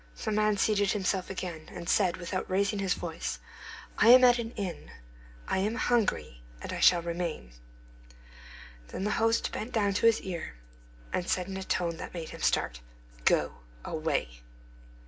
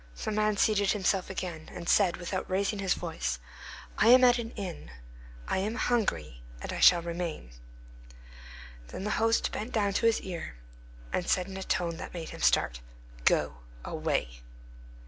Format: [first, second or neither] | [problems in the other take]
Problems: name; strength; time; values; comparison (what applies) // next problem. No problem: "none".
second | room echo; dies away in 0.3 s